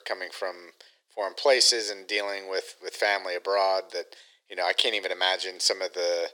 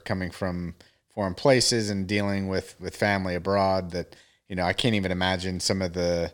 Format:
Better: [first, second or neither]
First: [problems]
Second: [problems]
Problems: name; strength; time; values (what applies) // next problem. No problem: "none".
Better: second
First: thin; very; fading below 400 Hz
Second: none